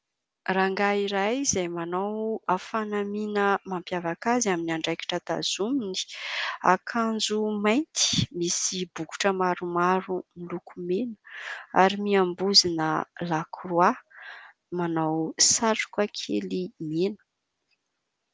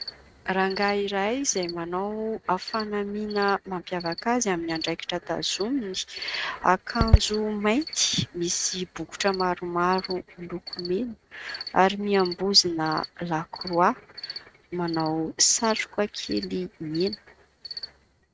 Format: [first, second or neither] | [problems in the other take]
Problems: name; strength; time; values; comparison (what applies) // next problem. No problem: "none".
first | noise reduction (neural mask model RNNoise)